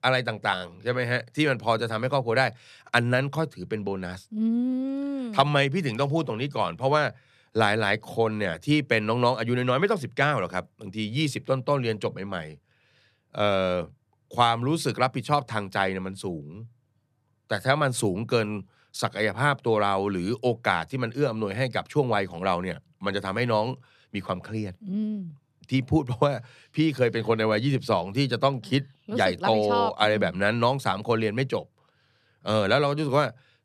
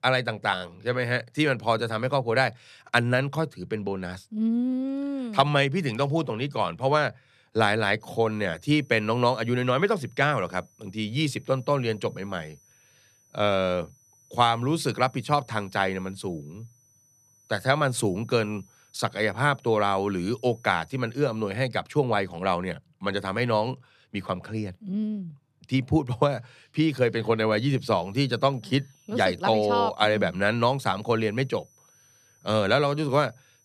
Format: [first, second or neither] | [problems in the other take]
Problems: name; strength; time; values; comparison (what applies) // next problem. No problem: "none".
first | high-pitched whine; faint; from 8 to 21 s and from 28 s on; 6 kHz, 30 dB below the speech